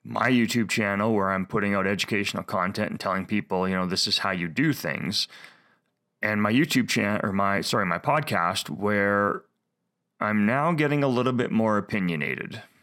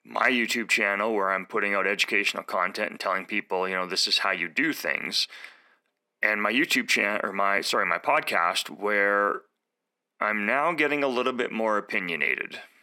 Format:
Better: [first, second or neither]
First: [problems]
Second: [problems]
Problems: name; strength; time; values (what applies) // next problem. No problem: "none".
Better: first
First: none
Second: thin; somewhat; fading below 300 Hz